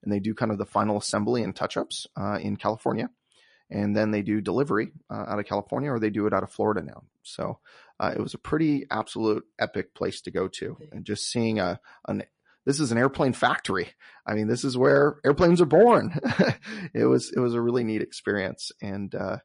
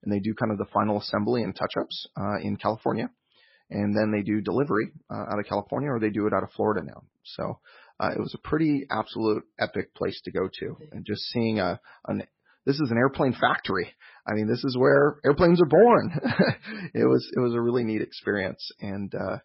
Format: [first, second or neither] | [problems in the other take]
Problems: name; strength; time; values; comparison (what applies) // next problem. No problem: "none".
first | garbled, watery; badly; nothing above 5.5 kHz; slightly in the first